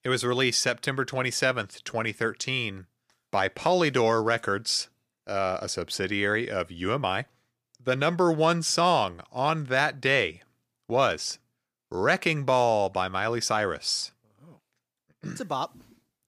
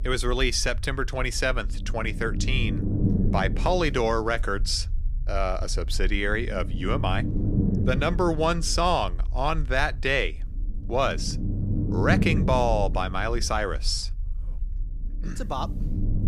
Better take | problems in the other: first | low rumble; noticeable; throughout; 10 dB below the speech

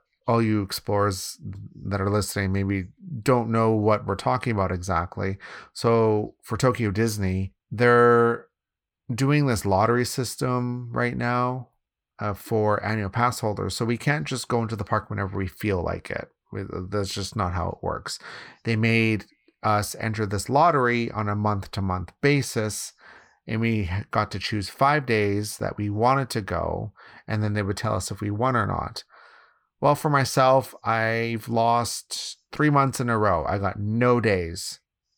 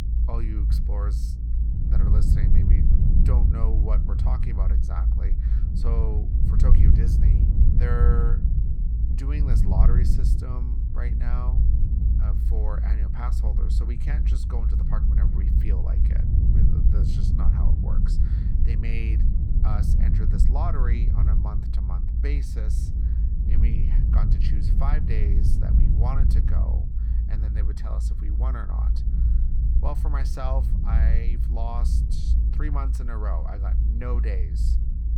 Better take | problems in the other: first | low rumble; loud; throughout; 1 dB below the speech

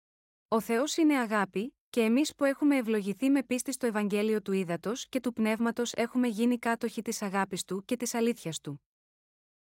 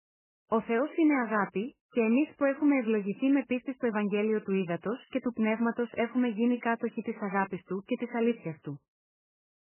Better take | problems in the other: first | garbled, watery; badly; nothing above 3 kHz

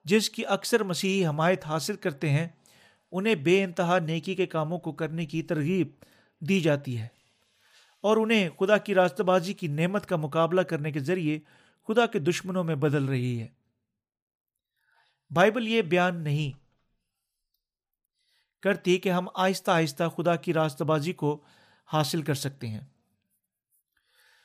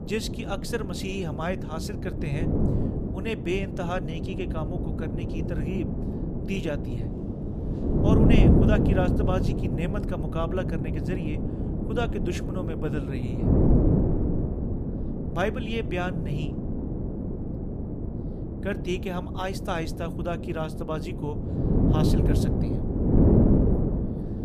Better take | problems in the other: first | wind noise on the microphone; heavy; 1 dB below the speech

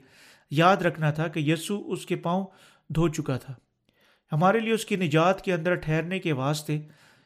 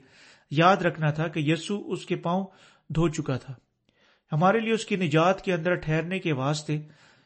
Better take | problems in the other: first | garbled, watery; slightly; nothing above 8 kHz

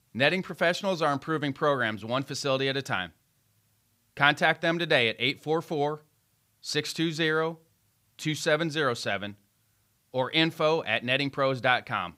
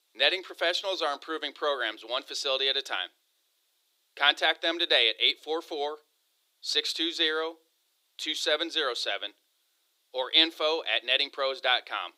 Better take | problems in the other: first | thin; very; fading below 350 Hz

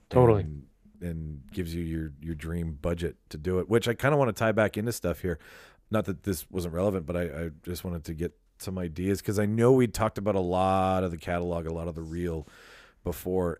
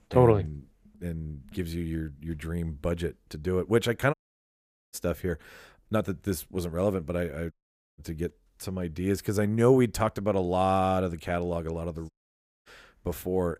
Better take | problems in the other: first | audio cutting out; at 4 s for 1 s, at 7.5 s and at 12 s for 0.5 s

